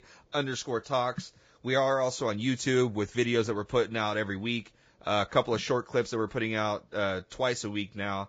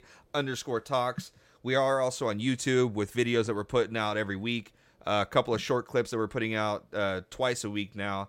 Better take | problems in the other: second | garbled, watery; badly; nothing above 7.5 kHz

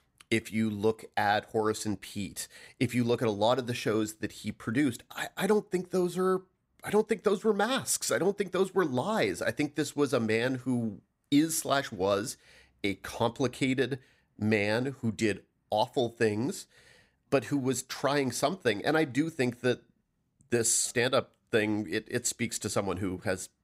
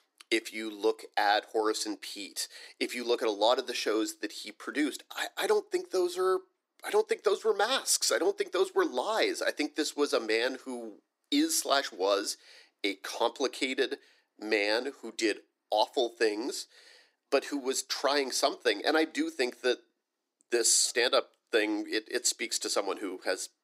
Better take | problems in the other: first | thin; somewhat; fading below 300 Hz

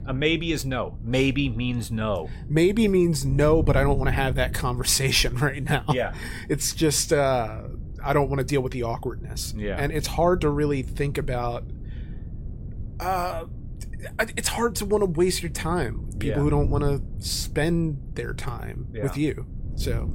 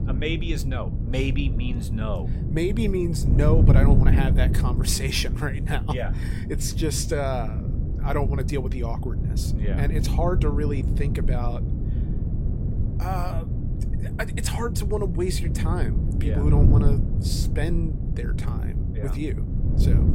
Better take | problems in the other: first | wind noise on the microphone; heavy; 6 dB below the speech; occasional gusts in the first

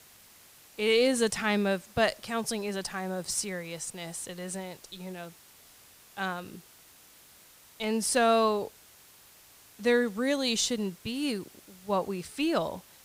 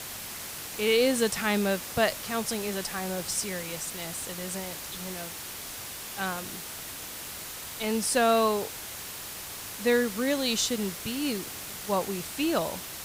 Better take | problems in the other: first | hiss; loud; throughout; 8 dB below the speech; faint in the first

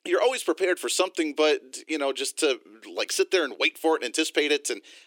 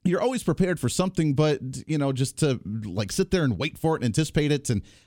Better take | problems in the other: second | thin; very; fading below 350 Hz

